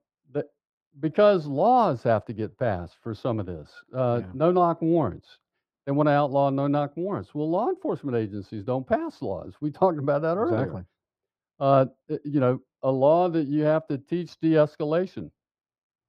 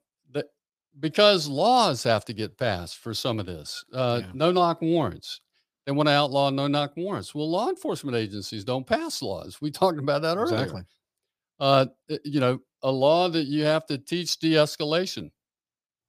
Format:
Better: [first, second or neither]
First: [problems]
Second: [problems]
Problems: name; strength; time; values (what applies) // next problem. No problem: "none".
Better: second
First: muffled; very; fading above 3 kHz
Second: none